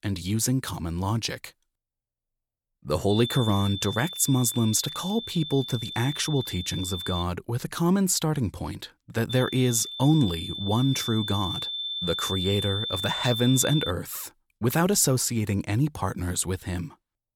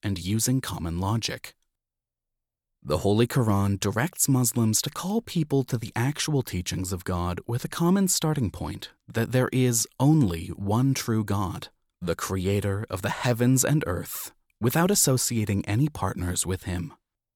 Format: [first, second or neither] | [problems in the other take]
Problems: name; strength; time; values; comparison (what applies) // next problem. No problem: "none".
second | high-pitched whine; loud; from 3 to 7 s and from 9.5 to 14 s; 3.5 kHz, 6 dB below the speech